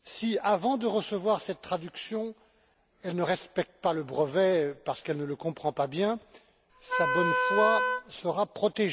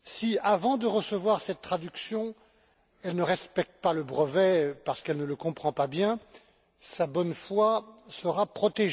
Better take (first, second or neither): second